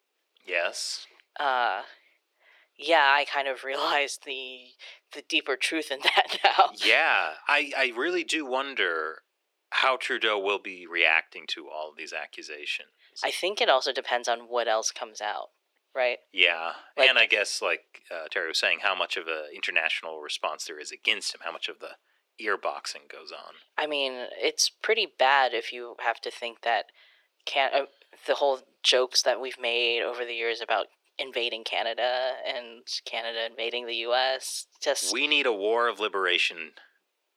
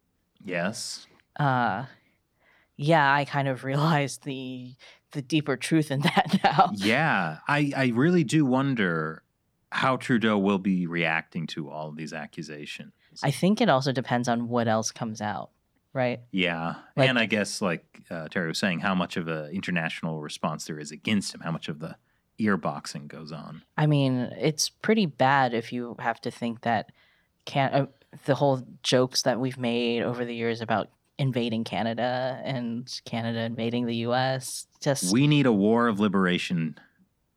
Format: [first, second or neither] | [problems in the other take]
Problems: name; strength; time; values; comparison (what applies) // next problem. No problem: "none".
second | thin; very; fading below 350 Hz